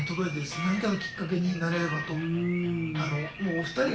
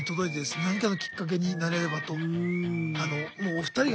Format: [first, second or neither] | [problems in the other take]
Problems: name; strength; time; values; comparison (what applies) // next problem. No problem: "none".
second | background sound (Frog); 19 dB below the speech // room echo; dies away in 0.5 s